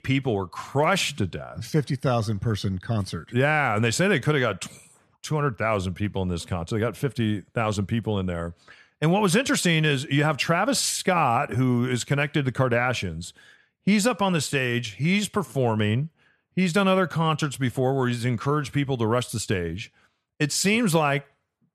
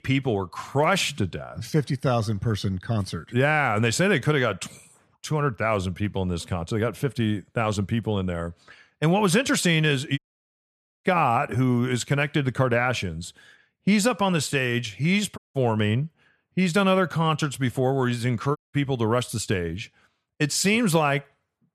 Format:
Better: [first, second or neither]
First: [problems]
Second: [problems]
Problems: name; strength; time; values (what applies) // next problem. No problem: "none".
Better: first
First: none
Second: audio cutting out; at 10 s for 1 s, at 15 s and at 19 s